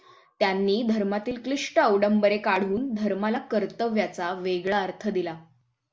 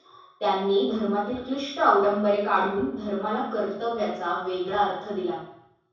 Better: first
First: none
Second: room echo; dies away in 0.7 s

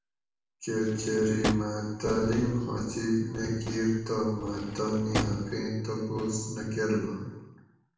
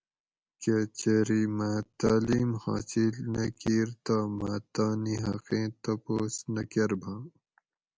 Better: second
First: background sound (Drawer open or close); 6 dB below the speech // room echo; dies away in 0.9 s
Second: none

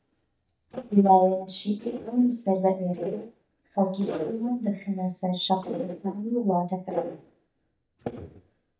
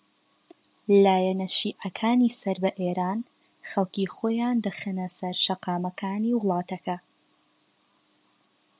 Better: second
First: noise reduction (neural mask model DeepFilterNet 3)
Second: none

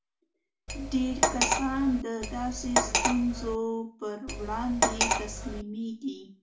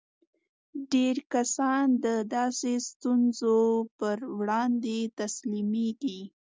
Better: second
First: background sound (Cutlery, silverware); 3 dB above the speech // room echo; dies away in 0.4 s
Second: none

